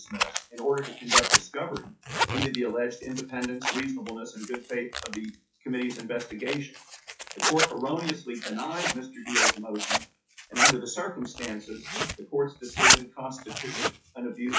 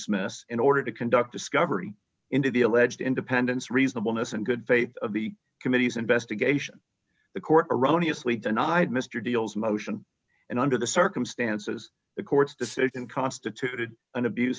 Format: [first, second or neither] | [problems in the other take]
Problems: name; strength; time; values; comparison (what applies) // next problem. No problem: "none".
second | noise reduction (classical method WPE with log-MMSE)